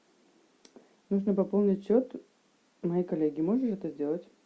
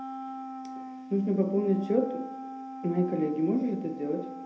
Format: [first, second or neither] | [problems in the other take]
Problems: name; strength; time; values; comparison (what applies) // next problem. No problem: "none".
first | background sound (Wind instrument, woodwind instrument); 10 dB below the speech // room echo; dies away in 0.6 s